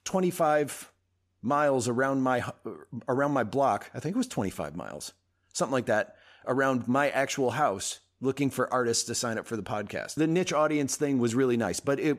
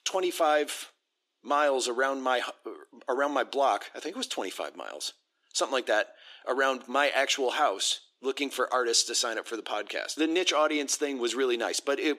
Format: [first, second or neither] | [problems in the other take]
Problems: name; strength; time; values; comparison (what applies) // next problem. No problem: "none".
first | thin; somewhat; fading below 300 Hz